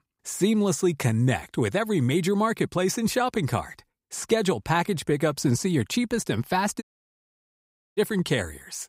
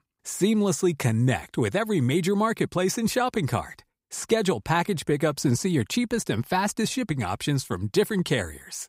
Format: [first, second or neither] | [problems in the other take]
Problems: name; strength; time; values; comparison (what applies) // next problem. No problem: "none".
second | audio cutting out; at 7 s for 1 s